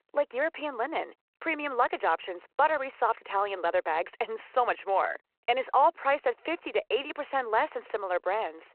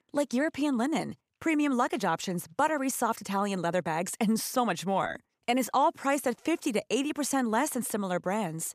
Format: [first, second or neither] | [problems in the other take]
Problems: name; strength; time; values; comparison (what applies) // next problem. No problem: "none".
second | phone-call audio